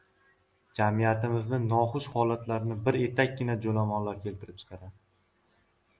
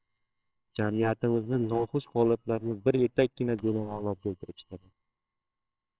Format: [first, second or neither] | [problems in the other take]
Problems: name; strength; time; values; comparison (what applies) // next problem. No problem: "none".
first | noise reduction (neural separator model SepFormer WHAMR!)